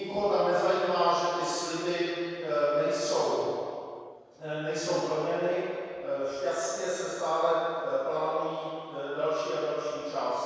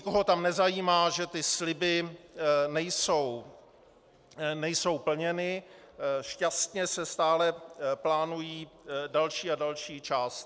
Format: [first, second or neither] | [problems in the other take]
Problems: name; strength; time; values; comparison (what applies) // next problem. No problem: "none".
second | room echo; dies away in 2.2 s